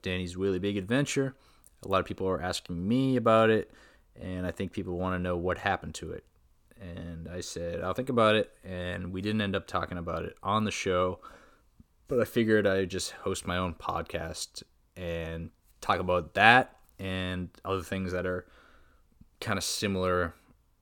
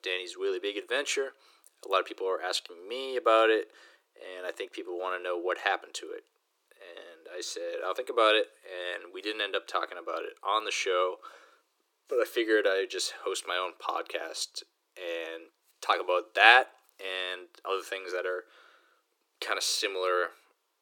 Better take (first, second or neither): first